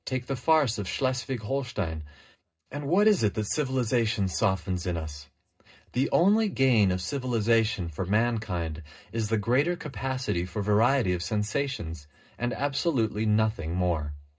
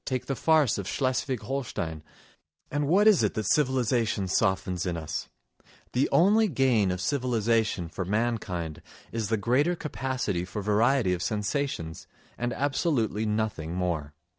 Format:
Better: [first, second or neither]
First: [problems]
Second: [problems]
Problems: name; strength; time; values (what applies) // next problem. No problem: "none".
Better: second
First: room echo; dies away in 0.2 s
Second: none